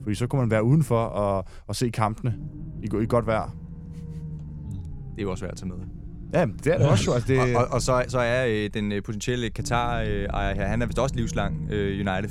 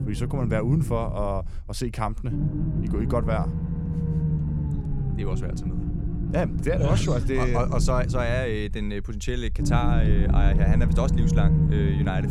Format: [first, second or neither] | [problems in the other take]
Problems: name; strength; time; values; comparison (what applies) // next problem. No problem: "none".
first | low rumble; loud; throughout; 6 dB below the speech; faint in the first